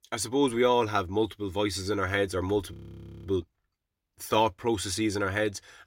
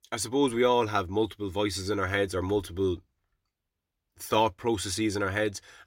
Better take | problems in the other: second | audio freezing; at 2.5 s for 0.5 s

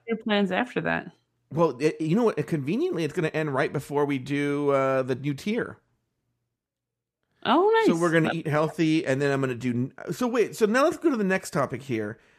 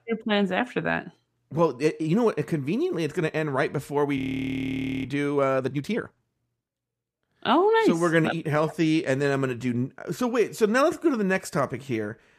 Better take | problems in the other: first | audio freezing; at 4 s for 1 s

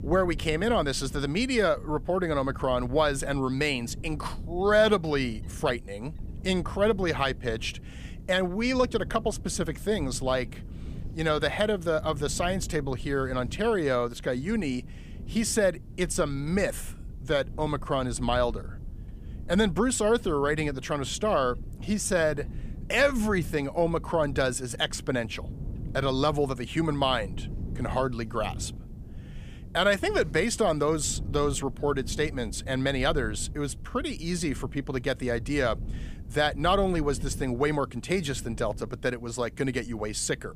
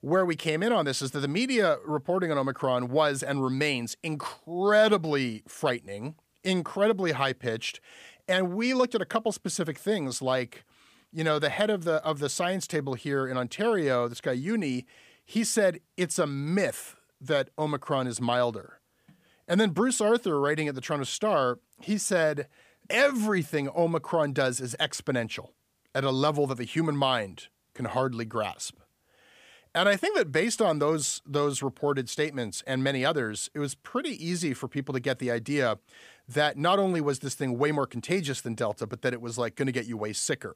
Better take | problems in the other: second | wind noise on the microphone; occasional gusts; 25 dB below the speech

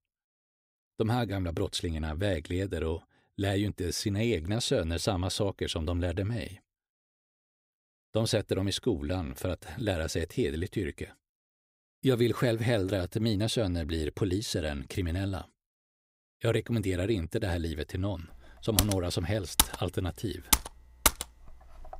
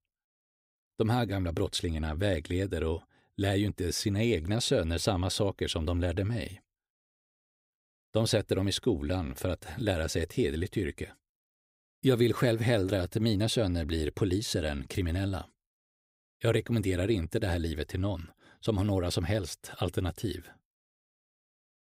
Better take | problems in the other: second | keyboard typing; loud; from 19 to 21 s; peak 5 dB above the speech

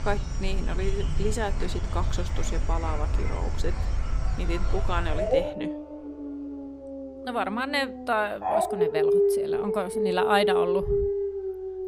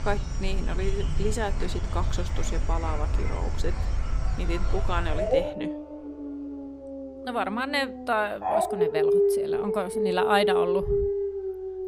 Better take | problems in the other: neither | animal sounds; very loud; throughout; 2 dB above the speech; the same in both

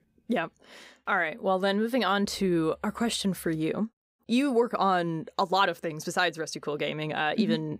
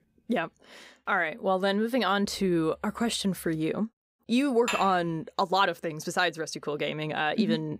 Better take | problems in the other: first | clattering dishes; noticeable; at 4.5 s; peak 4 dB below the speech

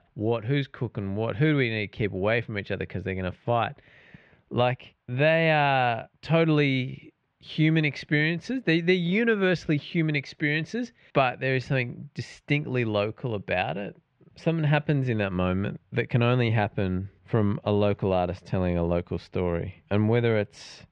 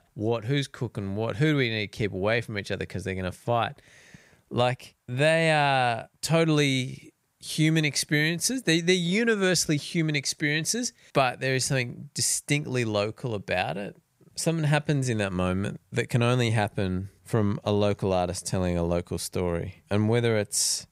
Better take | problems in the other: second | muffled; very; fading above 3 kHz

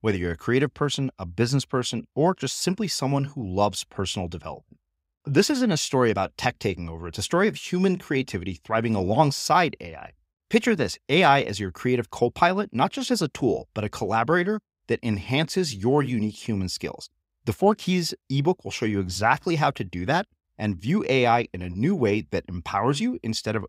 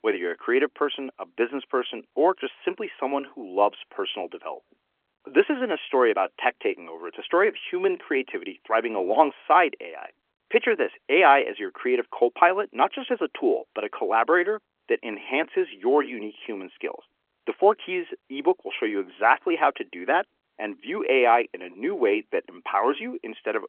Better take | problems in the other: first | phone-call audio; nothing above 3.5 kHz

